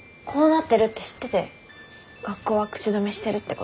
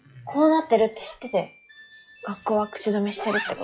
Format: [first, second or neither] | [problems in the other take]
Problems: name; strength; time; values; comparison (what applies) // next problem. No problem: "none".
first | noise reduction (classical method log-MMSE)